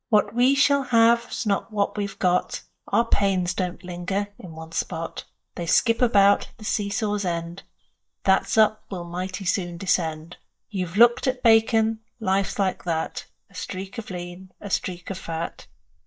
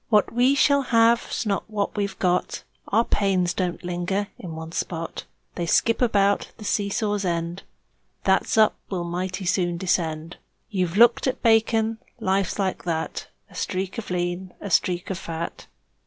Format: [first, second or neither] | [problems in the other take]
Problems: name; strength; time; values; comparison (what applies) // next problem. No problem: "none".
second | noise reduction (neural mask model DeepFilterNet 3)